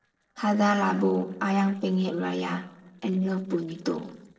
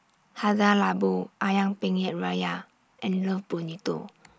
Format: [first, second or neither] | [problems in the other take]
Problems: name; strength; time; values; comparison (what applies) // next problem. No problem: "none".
second | noise reduction (neural separator model SepFormer DNS4)